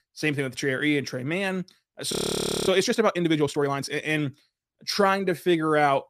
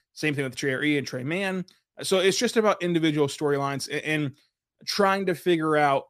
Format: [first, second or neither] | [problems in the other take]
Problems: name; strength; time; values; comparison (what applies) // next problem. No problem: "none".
second | audio freezing; at 2 s for 0.5 s